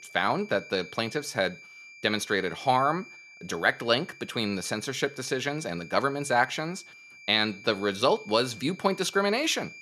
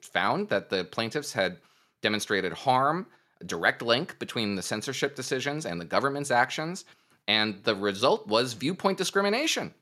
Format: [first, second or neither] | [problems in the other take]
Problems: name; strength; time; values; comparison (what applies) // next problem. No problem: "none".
second | high-pitched whine; noticeable; throughout; 2.5 kHz, 20 dB below the speech